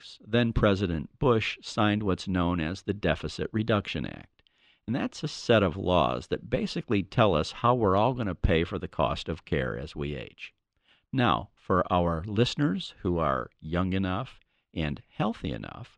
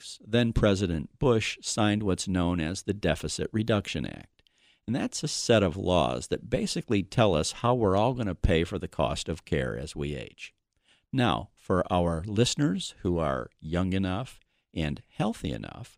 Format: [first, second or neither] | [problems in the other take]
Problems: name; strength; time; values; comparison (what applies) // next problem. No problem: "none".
second | muffled; slightly; fading above 3.5 kHz